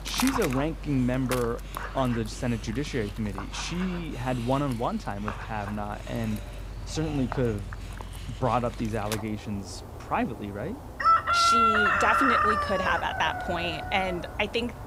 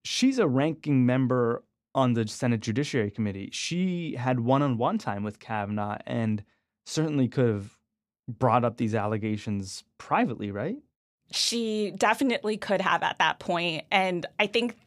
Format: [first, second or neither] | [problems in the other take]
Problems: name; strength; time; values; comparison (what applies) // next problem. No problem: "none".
second | animal sounds; very loud; throughout; 1 dB above the speech